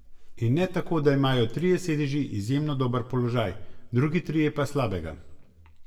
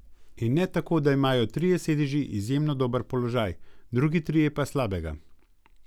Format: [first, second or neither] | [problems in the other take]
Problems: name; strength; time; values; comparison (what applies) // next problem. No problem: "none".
second | room echo; dies away in 0.5 s